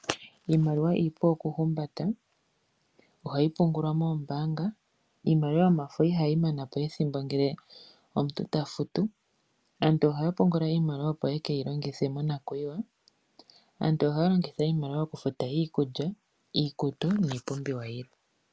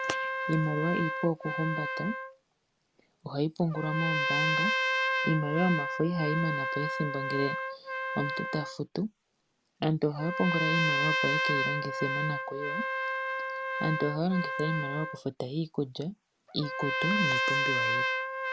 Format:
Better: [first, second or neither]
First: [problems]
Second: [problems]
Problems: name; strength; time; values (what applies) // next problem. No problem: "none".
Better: first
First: none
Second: background sound (Trumpet); as loud as the speech